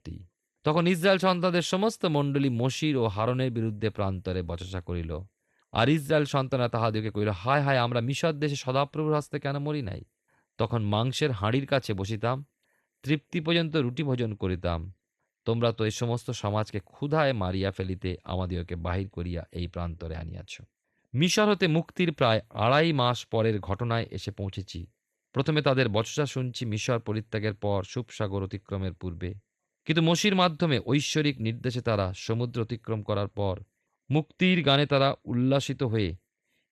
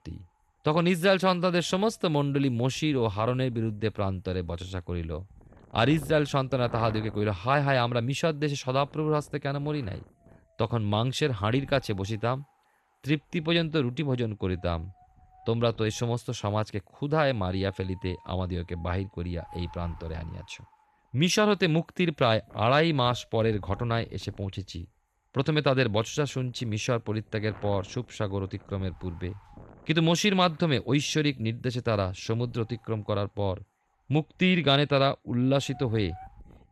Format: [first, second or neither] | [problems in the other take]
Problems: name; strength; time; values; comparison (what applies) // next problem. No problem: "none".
first | wind noise on the microphone; occasional gusts; 25 dB below the speech